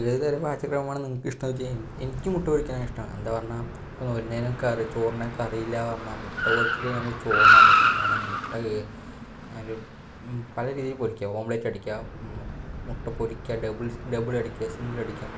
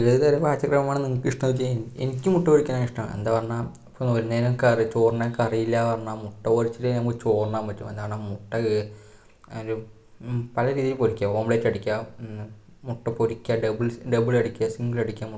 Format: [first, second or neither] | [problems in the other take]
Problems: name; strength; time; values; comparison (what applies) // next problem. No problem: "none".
second | background sound (Car); 3 dB above the speech